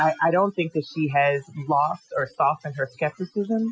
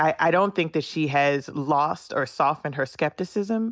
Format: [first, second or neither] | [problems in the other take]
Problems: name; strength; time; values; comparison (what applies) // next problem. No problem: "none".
second | noise reduction (classical method Wiener filter)